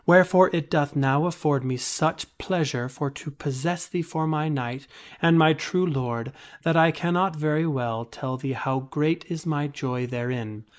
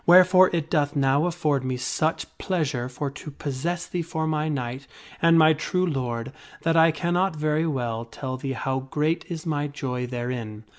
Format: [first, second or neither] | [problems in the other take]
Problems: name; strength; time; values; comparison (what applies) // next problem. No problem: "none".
second | noise reduction (neural mask model Resemble Enhance denoiser)